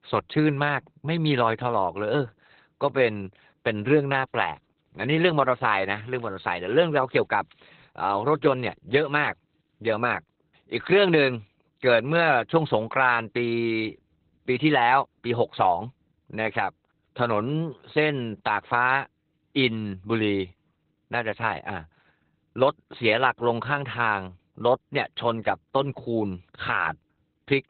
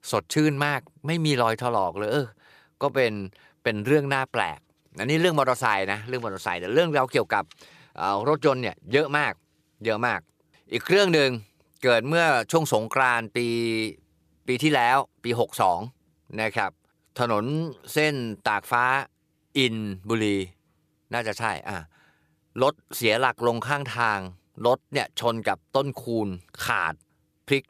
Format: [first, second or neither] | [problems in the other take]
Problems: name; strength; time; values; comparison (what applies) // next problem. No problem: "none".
second | garbled, watery; badly; nothing above 4 kHz